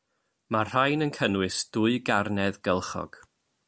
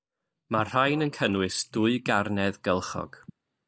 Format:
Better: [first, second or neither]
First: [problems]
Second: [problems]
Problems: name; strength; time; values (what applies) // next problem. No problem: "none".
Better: first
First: none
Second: noise reduction (neural mask model DeepFilterNet 3)